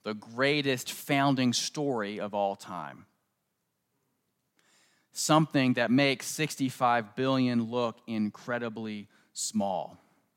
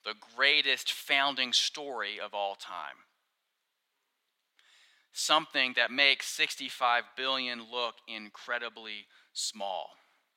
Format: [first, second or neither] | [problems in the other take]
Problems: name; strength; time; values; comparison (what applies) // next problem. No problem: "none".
first | thin; very; fading below 550 Hz